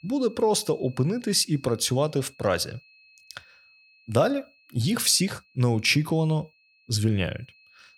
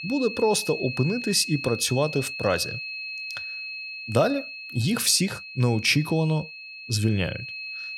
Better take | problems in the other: first | high-pitched whine; loud; throughout; 2.5 kHz, 9 dB below the speech; faint in the first

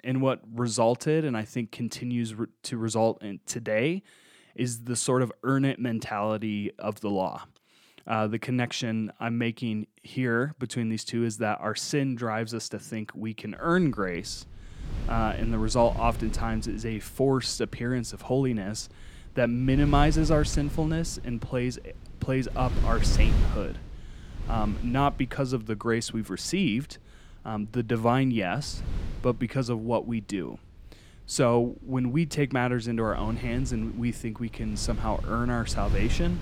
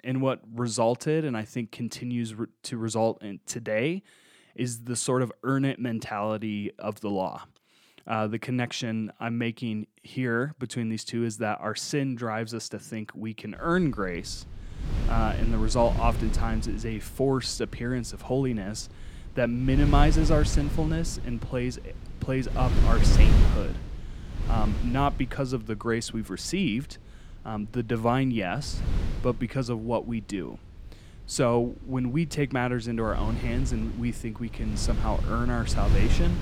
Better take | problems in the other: first | wind noise on the microphone; heavy; from 14 s on; 9 dB below the speech; occasional gusts in the first

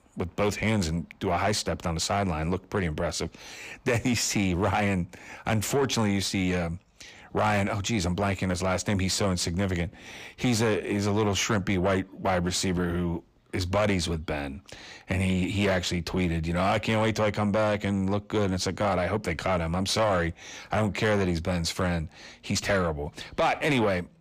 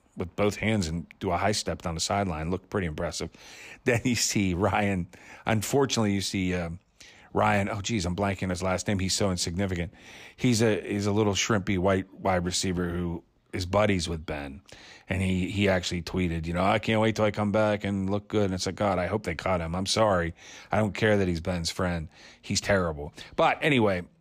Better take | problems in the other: second | distortion; slight; 10 dB below the speech

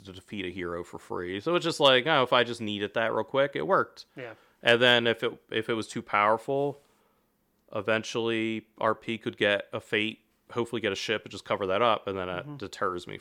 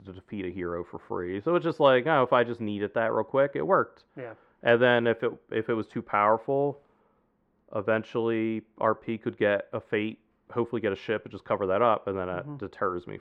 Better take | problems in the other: first | muffled; very; fading above 3 kHz

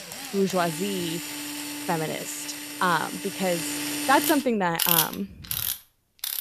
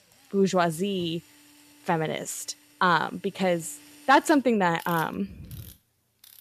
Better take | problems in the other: second | machinery noise; loud; throughout; 2 dB below the speech; faint in the second

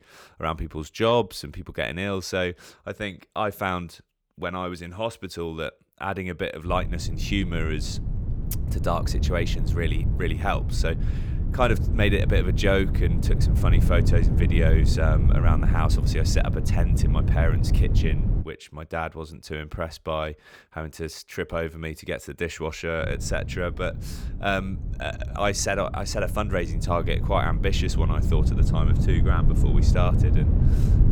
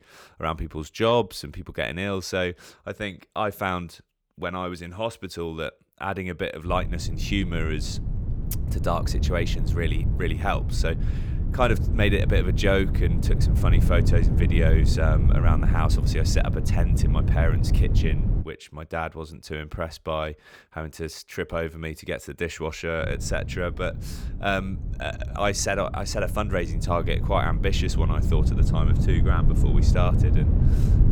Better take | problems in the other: neither | wind noise on the microphone; heavy; from 6.5 to 18 s and from 23 s on; 9 dB below the speech; the same in both

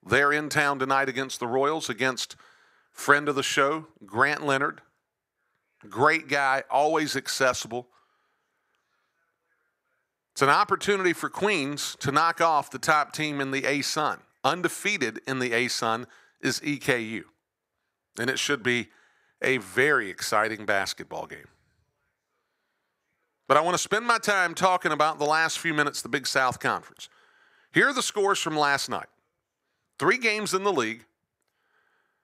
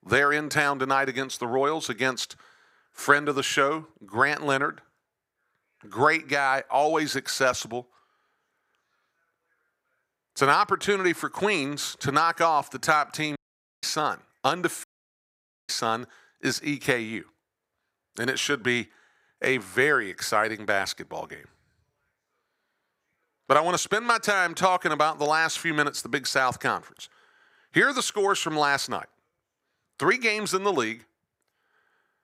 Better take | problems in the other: first | audio cutting out; at 13 s and at 15 s for 1 s

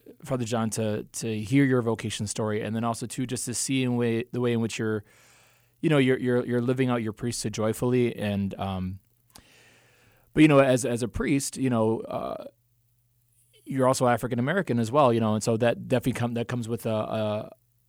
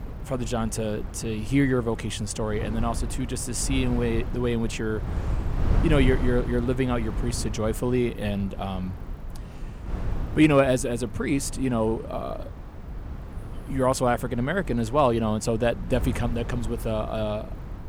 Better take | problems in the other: first | wind noise on the microphone; occasional gusts; 15 dB below the speech

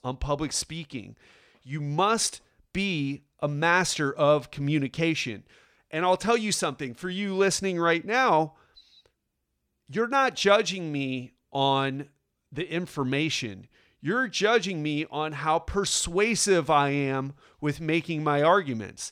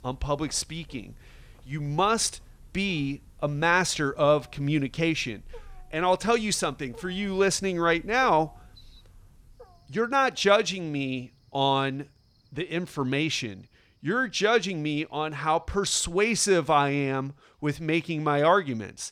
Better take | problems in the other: first | animal sounds; faint; throughout; 30 dB below the speech

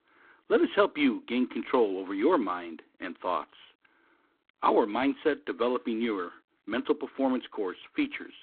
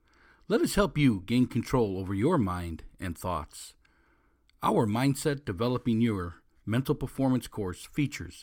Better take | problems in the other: second | phone-call audio; poor line

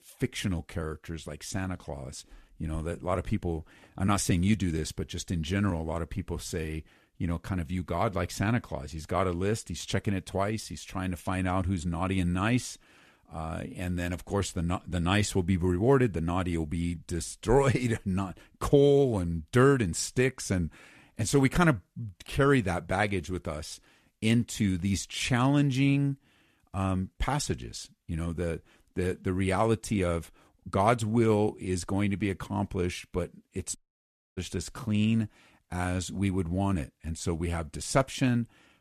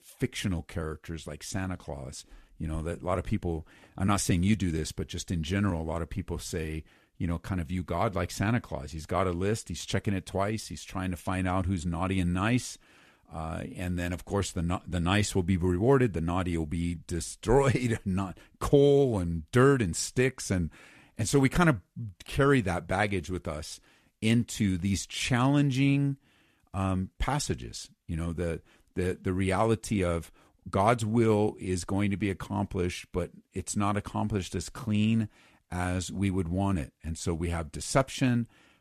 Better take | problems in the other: second | audio cutting out; at 34 s for 0.5 s

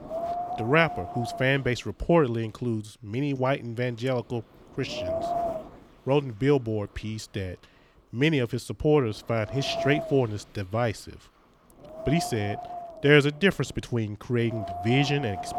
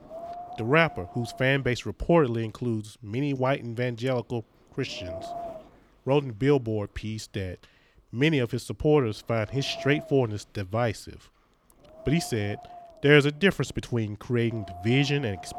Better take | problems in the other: second | wind noise on the microphone; heavy; 5 dB below the speech; occasional gusts in the second

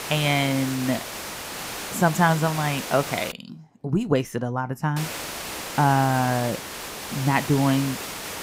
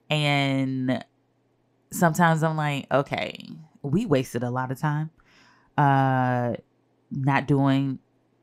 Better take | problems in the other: second | hiss; loud; until 3.5 s and from 5 s on; 8 dB below the speech

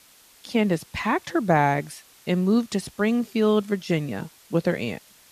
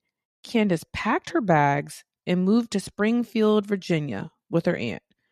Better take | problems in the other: second | hiss; faint; throughout; 25 dB below the speech

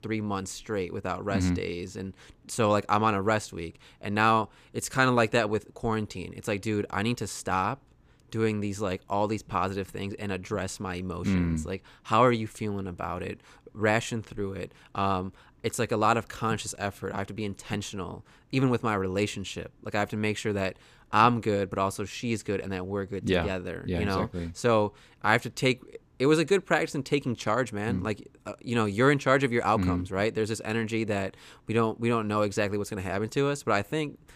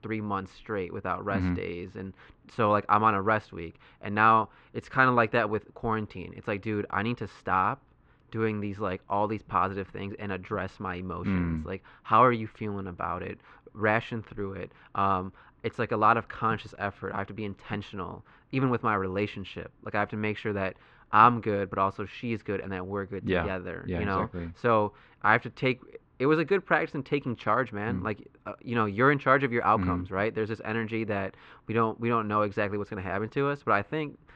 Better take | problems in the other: first | muffled; very; fading above 3 kHz

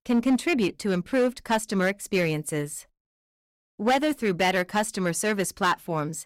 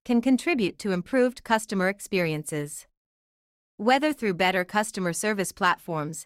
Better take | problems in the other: second | distortion; slight; 5% of the sound clipped

